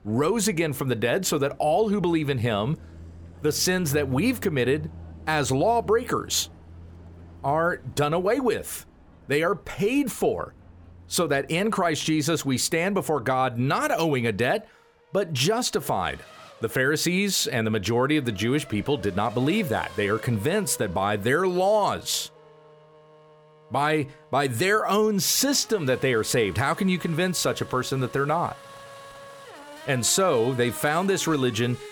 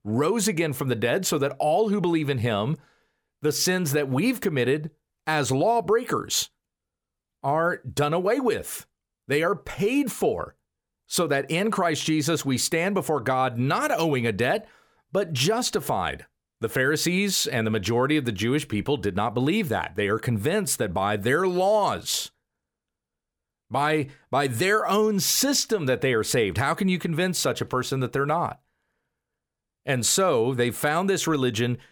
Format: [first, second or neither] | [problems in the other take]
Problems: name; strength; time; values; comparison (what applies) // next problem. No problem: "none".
second | traffic noise; faint; throughout; 20 dB below the speech